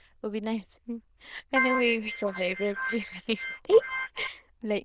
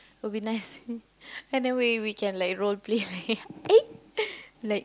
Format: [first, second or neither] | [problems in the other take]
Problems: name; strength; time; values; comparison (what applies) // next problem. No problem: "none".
second | noise reduction (neural diffusion model UNIVERSE++)